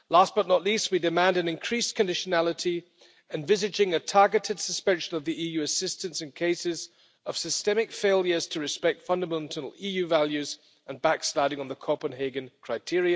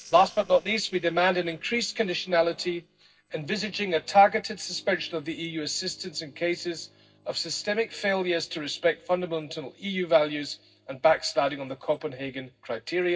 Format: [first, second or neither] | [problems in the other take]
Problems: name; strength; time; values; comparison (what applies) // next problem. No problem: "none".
first | noise reduction (neural separator model SepFormer DNS4)